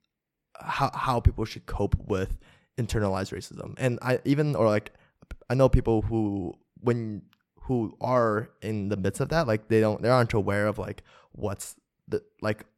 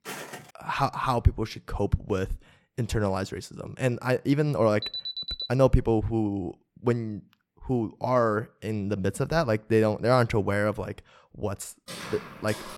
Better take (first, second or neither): first